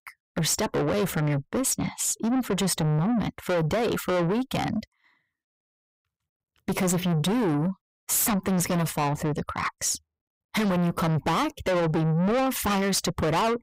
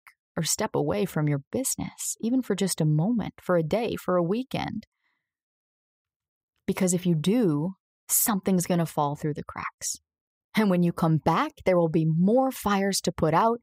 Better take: second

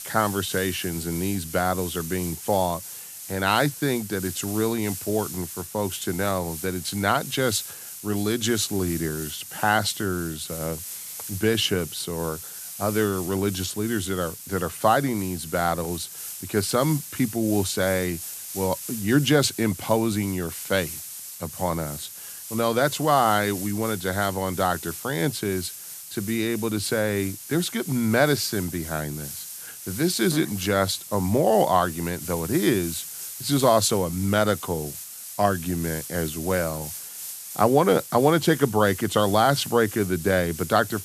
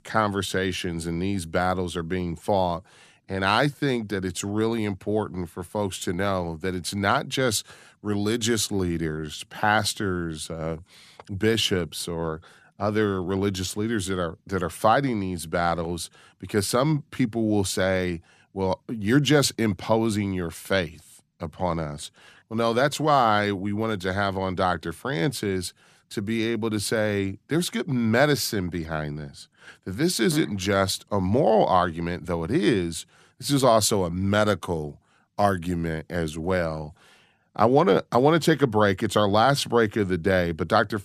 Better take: second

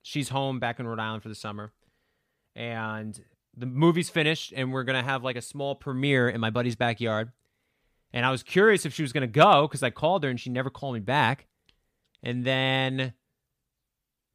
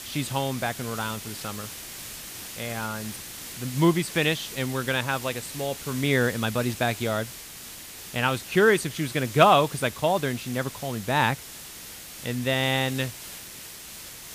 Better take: first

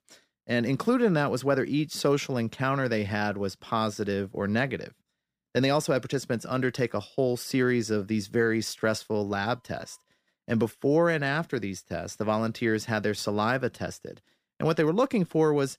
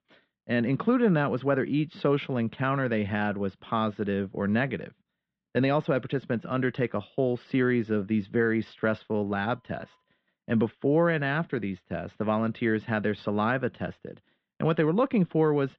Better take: first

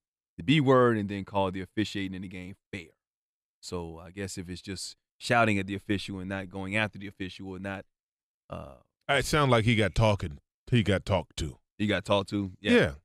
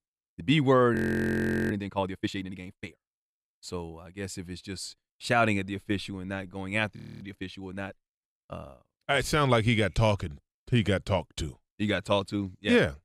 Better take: first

